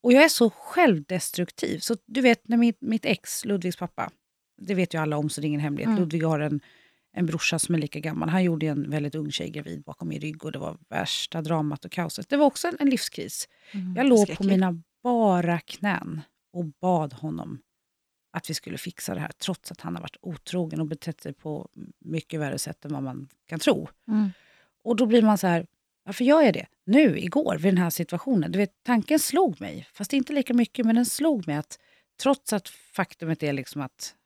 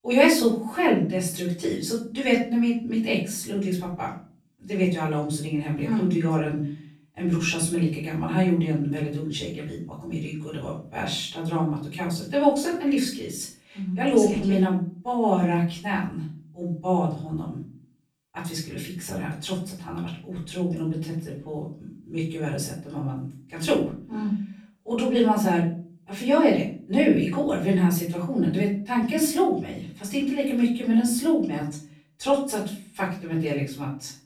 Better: first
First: none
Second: off-mic speech; far // room echo; noticeable; dies away in 0.4 s

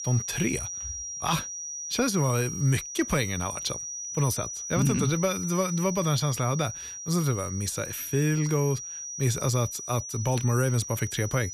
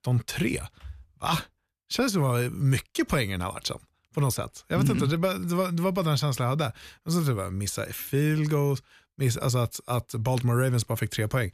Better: second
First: high-pitched whine; loud; throughout; 6 kHz, 6 dB below the speech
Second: none

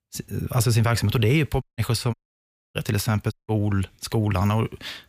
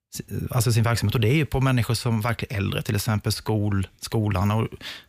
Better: second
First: audio cutting out; at 1.5 s, at 2 s for 0.5 s and at 3.5 s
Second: none

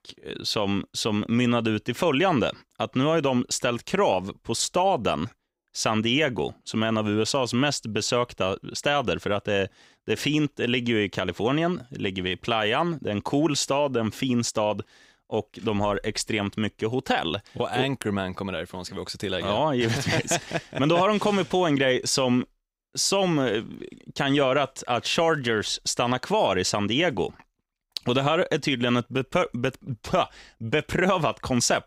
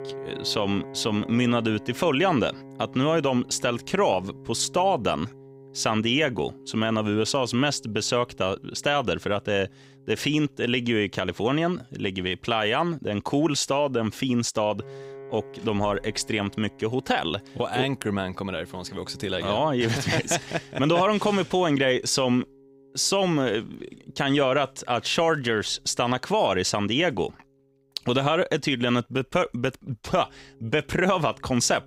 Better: first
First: none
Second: background music; faint; throughout; 20 dB below the speech

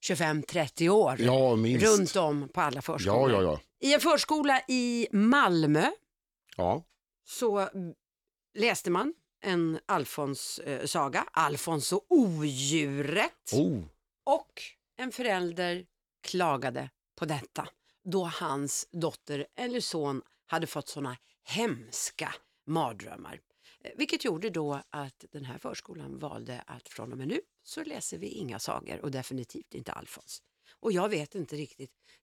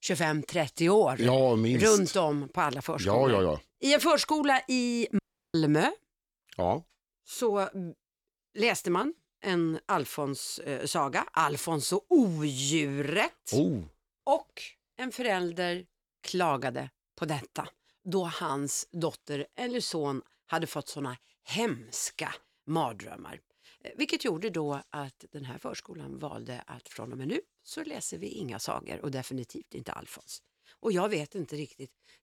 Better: first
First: none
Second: audio cutting out; at 5 s

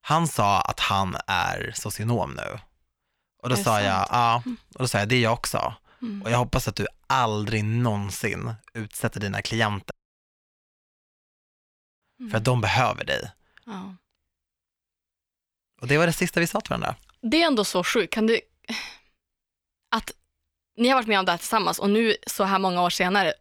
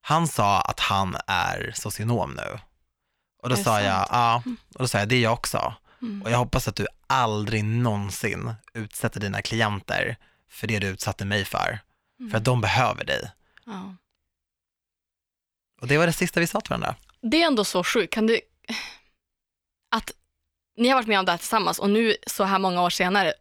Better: second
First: audio cutting out; at 10 s for 2 s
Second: none

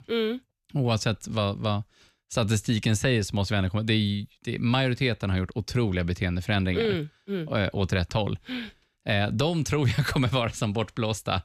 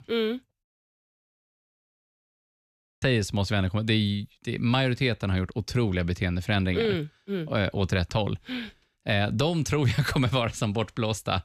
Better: first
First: none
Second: audio cutting out; at 0.5 s for 2.5 s

